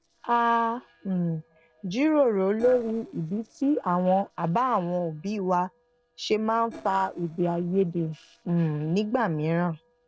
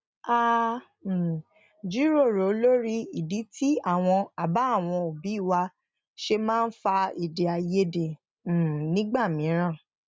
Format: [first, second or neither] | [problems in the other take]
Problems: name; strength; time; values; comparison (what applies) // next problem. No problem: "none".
second | noise reduction (neural separator model SepFormer DNS4)